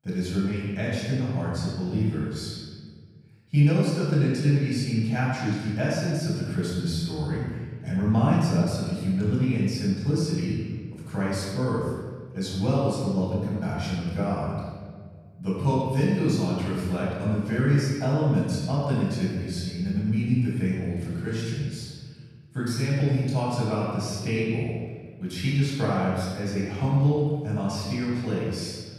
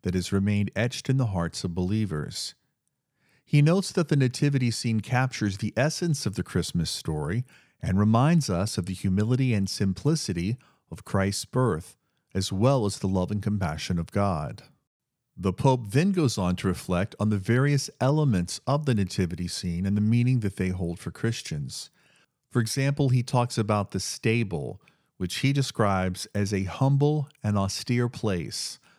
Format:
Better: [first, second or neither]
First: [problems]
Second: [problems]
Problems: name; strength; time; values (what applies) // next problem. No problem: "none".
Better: second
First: off-mic speech; far // room echo; strong; dies away in 1.4 s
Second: none